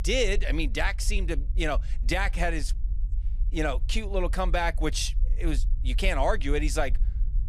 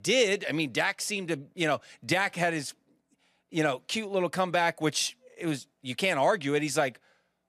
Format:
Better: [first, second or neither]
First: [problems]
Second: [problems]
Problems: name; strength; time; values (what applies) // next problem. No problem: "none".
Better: second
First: low rumble; faint; throughout; 25 dB below the speech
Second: none